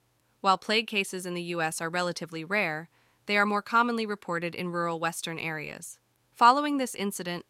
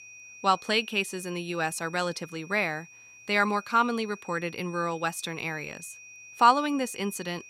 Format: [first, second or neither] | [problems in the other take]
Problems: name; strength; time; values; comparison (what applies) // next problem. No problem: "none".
first | high-pitched whine; noticeable; throughout; 2.5 kHz, 20 dB below the speech